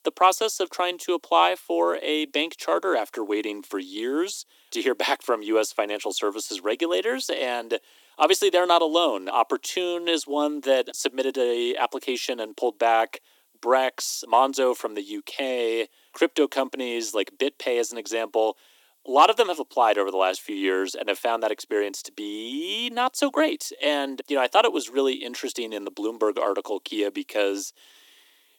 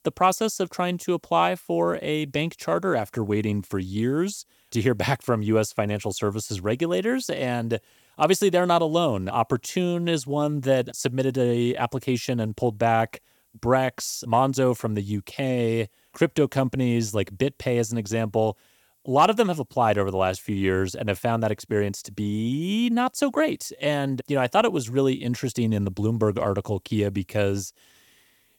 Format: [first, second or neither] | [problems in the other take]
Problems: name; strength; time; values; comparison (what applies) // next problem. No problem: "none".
second | thin; somewhat; fading below 300 Hz